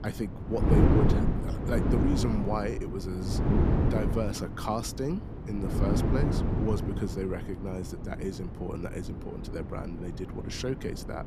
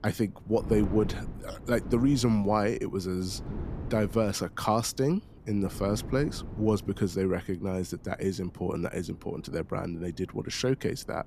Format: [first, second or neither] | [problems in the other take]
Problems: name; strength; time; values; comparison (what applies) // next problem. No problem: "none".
second | wind noise on the microphone; heavy; as loud as the speech; occasional gusts in the second